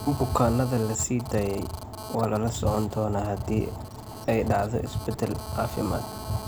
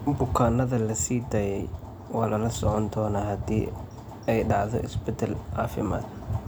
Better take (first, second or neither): second